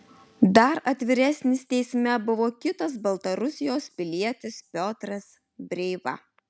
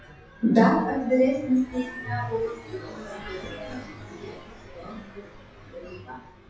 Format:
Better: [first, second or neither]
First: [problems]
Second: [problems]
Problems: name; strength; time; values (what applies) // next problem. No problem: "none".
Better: first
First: none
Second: noise reduction (classical method WPE with log-MMSE)